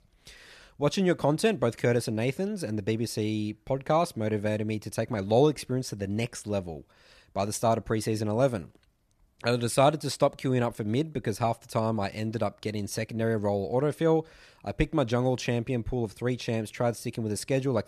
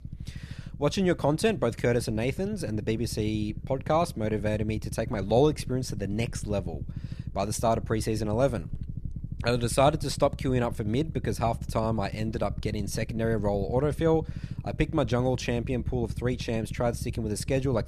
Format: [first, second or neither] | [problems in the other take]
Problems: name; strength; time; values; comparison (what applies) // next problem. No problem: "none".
first | low rumble; noticeable; throughout; 20 dB below the speech